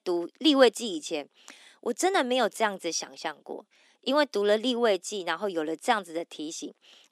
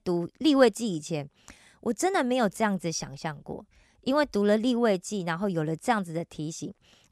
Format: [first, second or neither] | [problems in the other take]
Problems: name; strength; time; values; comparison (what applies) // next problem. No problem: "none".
second | thin; very slightly; fading below 250 Hz